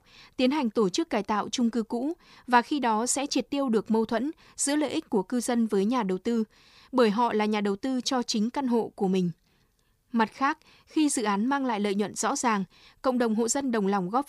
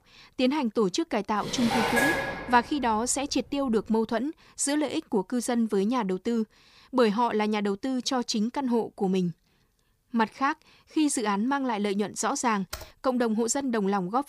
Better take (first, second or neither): first